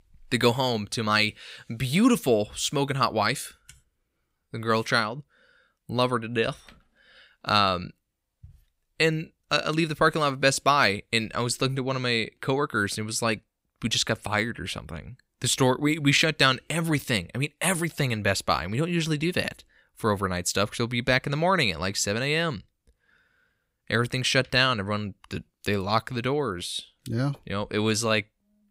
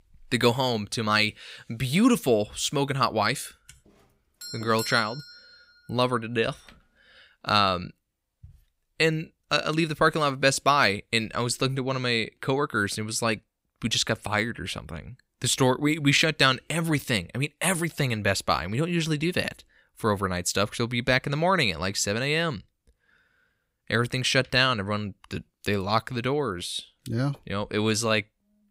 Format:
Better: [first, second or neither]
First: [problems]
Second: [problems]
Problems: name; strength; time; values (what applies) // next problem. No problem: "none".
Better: first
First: none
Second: doorbell; noticeable; at 4.5 s; peak 9 dB below the speech